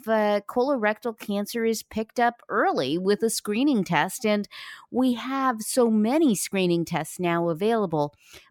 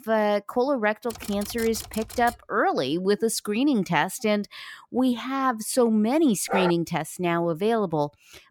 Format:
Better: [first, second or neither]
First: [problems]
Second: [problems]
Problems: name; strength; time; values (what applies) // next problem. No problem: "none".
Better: first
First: none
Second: keyboard typing; faint; from 1 to 2.5 s; peak 10 dB below the speech // dog barking; noticeable; at 6.5 s; peak 3 dB below the speech